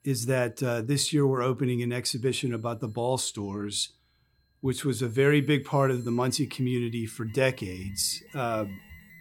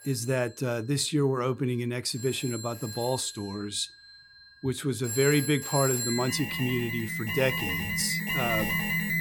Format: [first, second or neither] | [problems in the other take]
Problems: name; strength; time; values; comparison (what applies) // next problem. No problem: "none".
first | alarms or sirens; loud; throughout; 1 dB below the speech; faint in the first